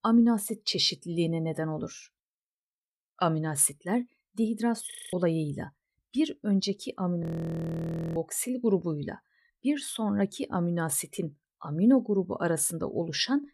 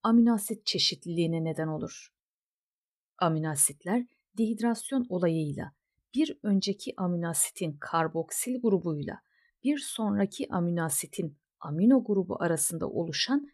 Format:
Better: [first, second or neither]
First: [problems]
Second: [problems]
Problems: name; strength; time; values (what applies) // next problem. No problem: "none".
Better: second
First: audio freezing; at 5 s and at 7 s for 1 s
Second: none